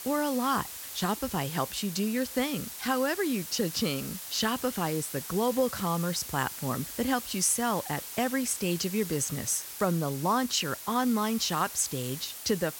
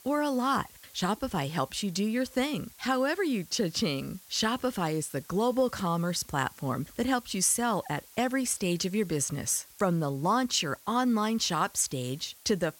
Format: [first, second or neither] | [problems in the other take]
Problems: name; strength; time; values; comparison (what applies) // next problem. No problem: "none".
second | hiss; loud; throughout; 8 dB below the speech; faint in the second